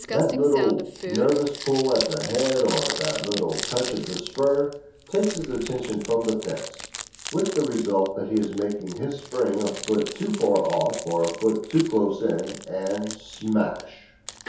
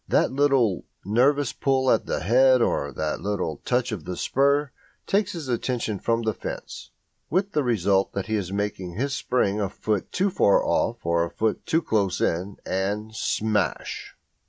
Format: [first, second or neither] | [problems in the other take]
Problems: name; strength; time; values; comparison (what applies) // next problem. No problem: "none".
second | background sound (Crumpling, crinkling); 11 dB below the speech // room echo; dies away in 0.6 s